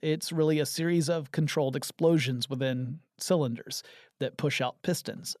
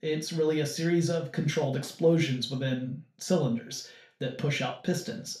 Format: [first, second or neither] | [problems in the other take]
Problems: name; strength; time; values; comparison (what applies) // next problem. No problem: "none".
first | room echo; slight; dies away in 0.3 s // off-mic speech; far